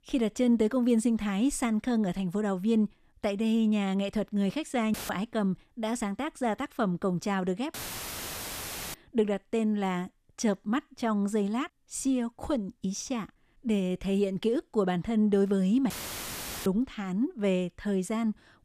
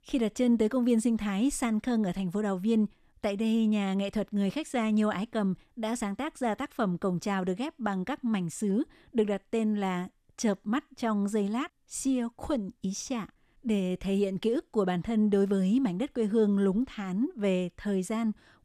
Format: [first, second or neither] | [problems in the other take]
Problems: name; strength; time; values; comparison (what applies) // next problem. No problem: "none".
second | audio cutting out; filled with static; at 5 s, at 7.5 s for 1 s and at 16 s for 1 s